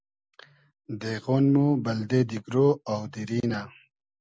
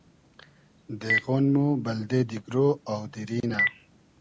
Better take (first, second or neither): first